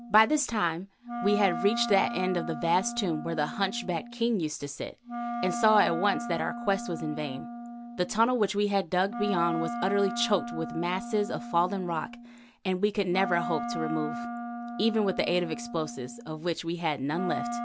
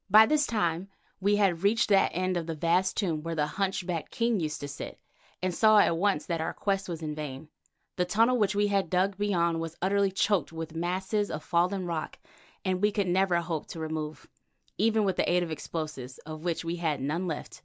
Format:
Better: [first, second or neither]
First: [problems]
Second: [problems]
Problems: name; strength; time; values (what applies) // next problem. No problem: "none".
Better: second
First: background sound (Wind instrument, woodwind instrument); 8 dB below the speech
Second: none